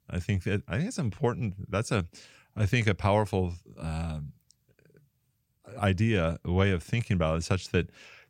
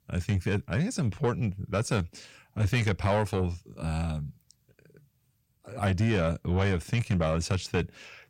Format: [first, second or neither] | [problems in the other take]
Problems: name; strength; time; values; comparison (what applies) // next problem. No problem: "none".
first | distortion; slight; 10 dB below the speech